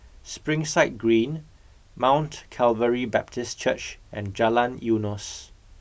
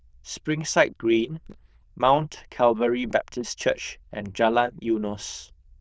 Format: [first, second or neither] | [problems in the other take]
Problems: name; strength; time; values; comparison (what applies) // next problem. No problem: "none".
first | noise reduction (neural diffusion model UNIVERSE++)